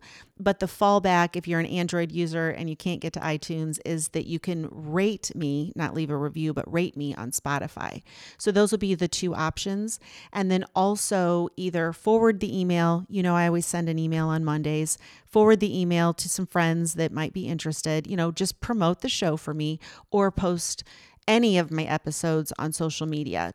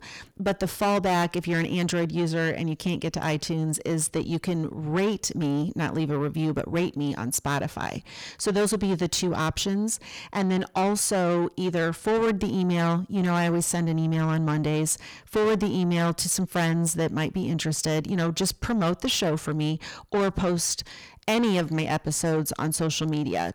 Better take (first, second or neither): first